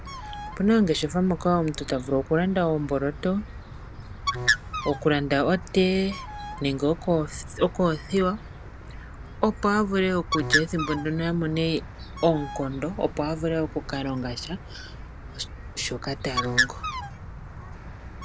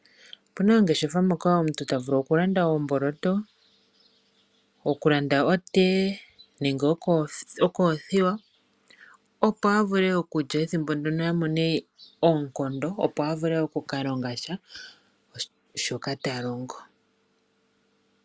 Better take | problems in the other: second | background sound (Bird); 7 dB below the speech

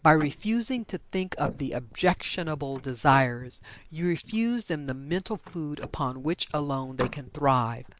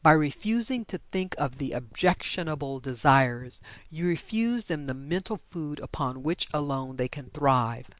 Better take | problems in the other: second | noise reduction (neural mask model Resemble Enhance denoiser)

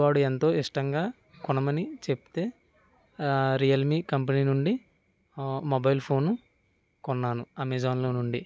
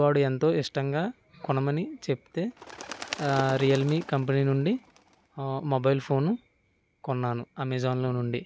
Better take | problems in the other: first | background sound (Bird); 15 dB below the speech

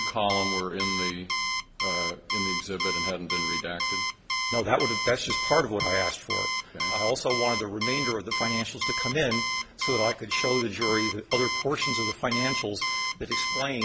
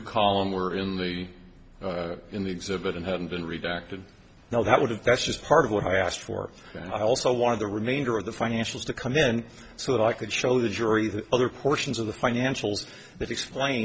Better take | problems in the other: second | background sound (Alarm); as loud as the speech

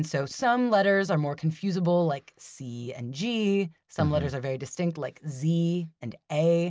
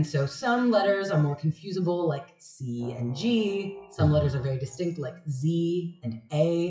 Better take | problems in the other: first | noise reduction (classical method WPE with log-MMSE)

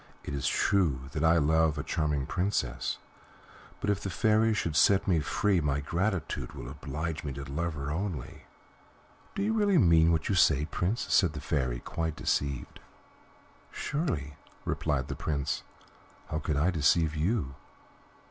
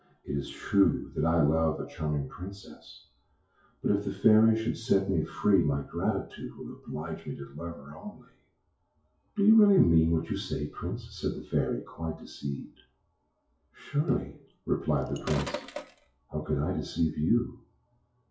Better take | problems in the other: first | noise reduction (classical method WPE with log-MMSE)

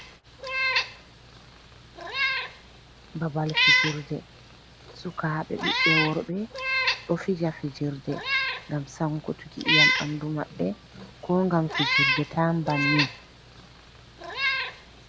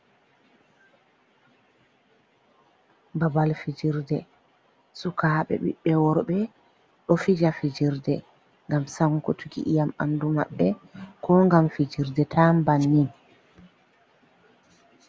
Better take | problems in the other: second | background sound (Meow); 2 dB above the speech

